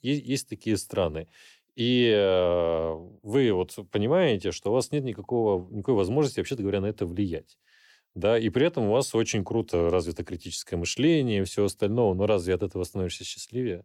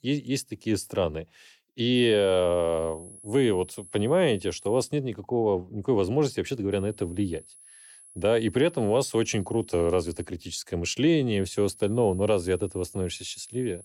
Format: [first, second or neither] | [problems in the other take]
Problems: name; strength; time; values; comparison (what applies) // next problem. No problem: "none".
first | high-pitched whine; faint; from 2 to 5 s, from 6.5 to 10 s and from 11 s on; 10.5 kHz, 20 dB below the speech